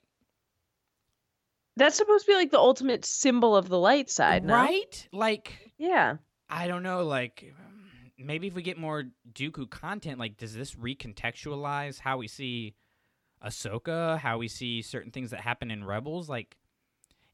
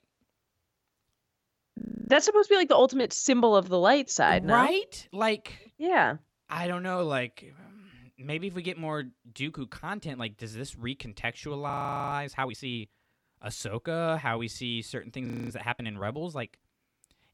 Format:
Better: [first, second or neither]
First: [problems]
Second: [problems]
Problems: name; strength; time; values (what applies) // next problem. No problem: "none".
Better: first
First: none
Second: audio freezing; at 2 s, at 12 s and at 15 s